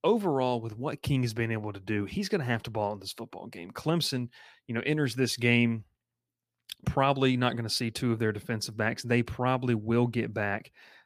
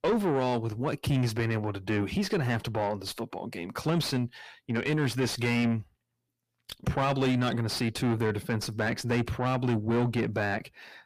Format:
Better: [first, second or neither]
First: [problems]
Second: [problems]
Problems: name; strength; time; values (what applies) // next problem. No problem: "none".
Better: first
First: none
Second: distortion; heavy; 7 dB below the speech